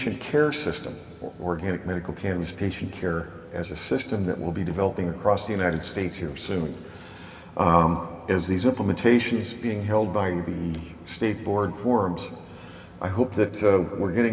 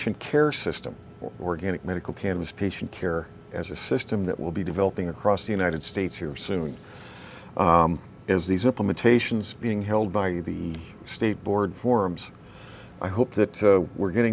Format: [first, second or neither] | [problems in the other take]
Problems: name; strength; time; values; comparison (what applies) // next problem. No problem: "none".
second | room echo; dies away in 1.9 s